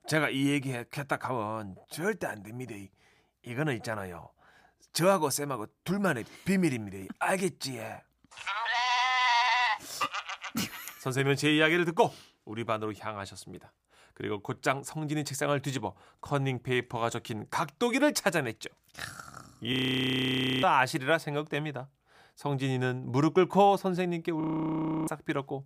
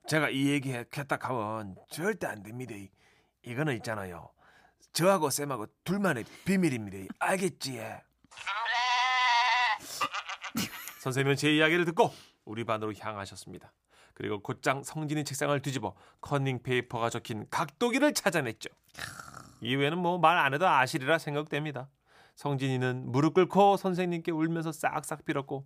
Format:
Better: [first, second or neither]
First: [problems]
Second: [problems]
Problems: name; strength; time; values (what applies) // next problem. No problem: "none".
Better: second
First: audio freezing; at 20 s for 1 s and at 24 s for 0.5 s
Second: none